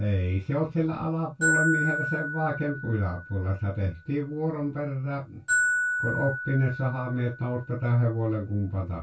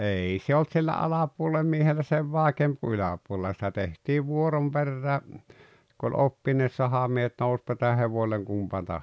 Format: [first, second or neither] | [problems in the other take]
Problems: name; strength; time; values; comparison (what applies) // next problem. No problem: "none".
second | background sound (Glockenspiel); 5 dB below the speech // room echo; dies away in 0.2 s